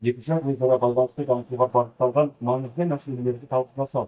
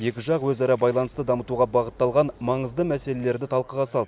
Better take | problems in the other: second | noise reduction (neural mask model DeepFilterNet 3)

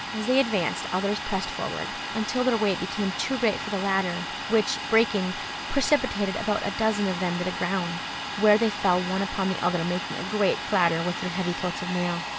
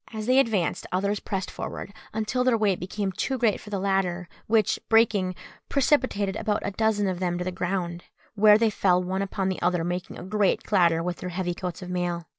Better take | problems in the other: second | background sound (Domestic sounds, home sounds); 6 dB below the speech

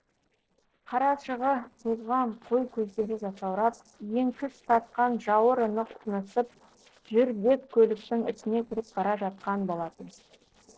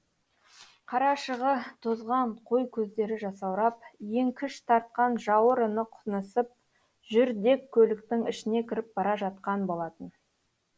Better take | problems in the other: second | noise reduction (neural separator model SepFormer DNS4)

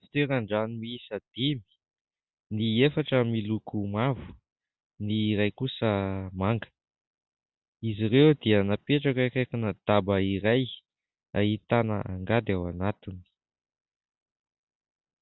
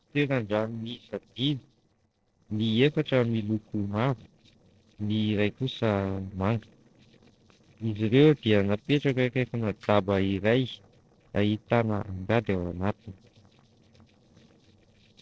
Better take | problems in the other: first | noise reduction (neural separator model SepFormer DNS4)

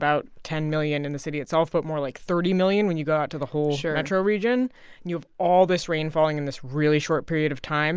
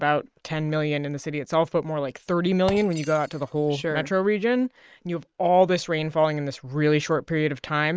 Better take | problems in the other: first | noise reduction (neural mask model RNNoise)

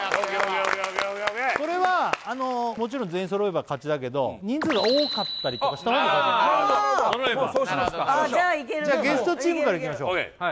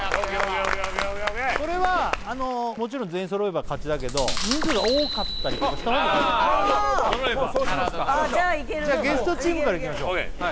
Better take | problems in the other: first | background sound (Chewing, mastication); 6 dB below the speech

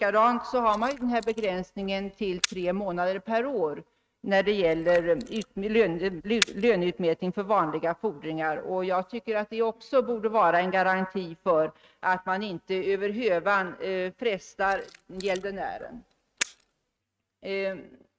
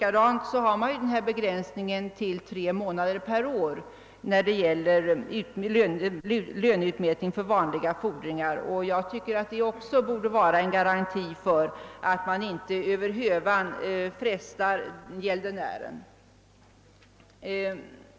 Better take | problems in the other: second | noise reduction (neural mask model RNNoise)

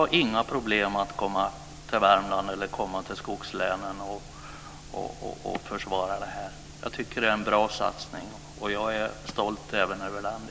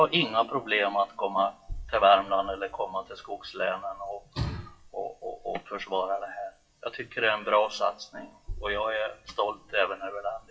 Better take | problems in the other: first | noise reduction (classical method WPE with log-MMSE)

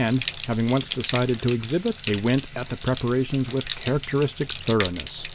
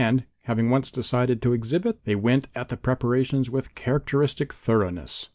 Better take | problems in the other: second | background sound (Bathtub (filling or washing)); 10 dB below the speech

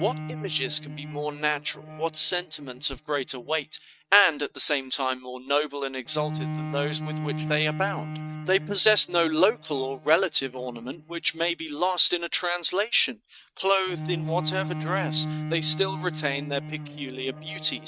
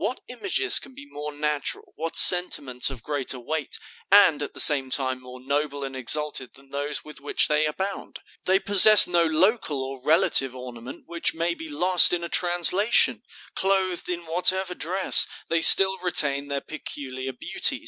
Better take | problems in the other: second | noise reduction (neural mask model RNNoise)

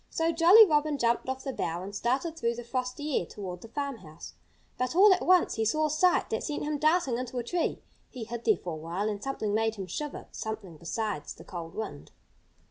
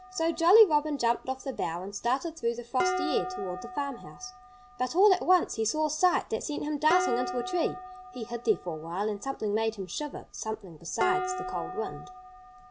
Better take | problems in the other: first | background sound (Dishes, pots, and pans); 9 dB below the speech

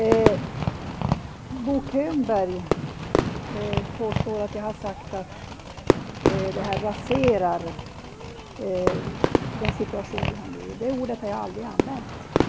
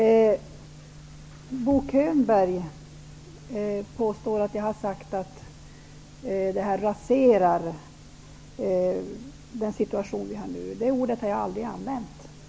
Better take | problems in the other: second | background sound (Fireworks); 1 dB above the speech

